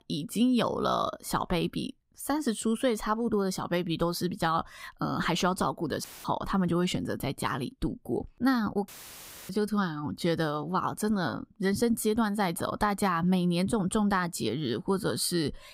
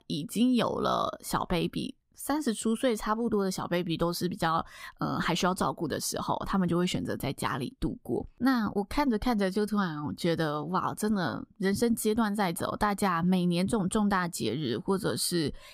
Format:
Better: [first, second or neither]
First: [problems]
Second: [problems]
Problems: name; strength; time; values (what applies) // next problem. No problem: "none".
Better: second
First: audio cutting out; filled with static; at 6 s and at 9 s for 0.5 s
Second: none